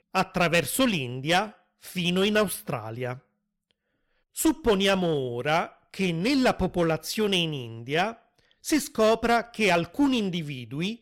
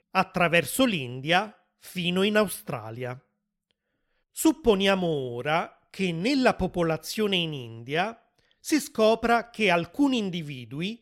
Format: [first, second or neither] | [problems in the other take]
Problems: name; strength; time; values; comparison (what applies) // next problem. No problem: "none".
second | distortion; slight; 6% of the sound clipped